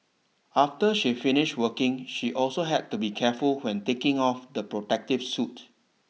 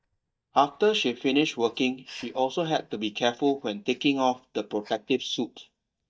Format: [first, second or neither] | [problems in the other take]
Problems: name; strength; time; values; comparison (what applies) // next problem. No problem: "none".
first | noise reduction (neural mask model DeepFilterNet 3)